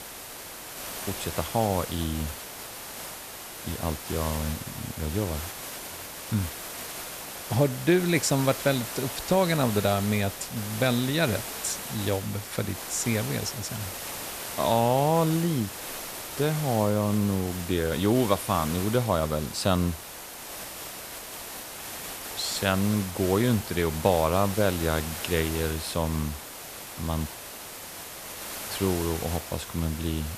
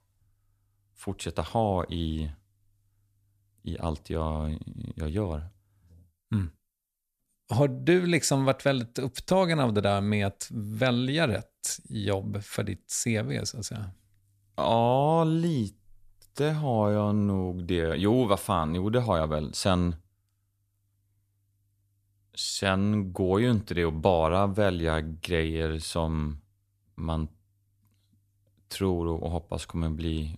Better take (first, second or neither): second